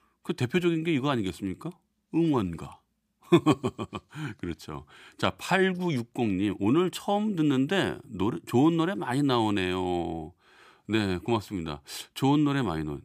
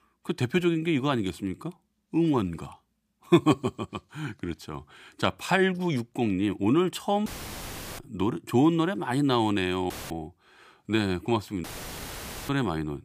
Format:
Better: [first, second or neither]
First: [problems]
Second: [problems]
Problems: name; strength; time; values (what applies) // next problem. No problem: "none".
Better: first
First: none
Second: audio cutting out; filled with static; at 7.5 s for 0.5 s, at 10 s and at 12 s for 1 s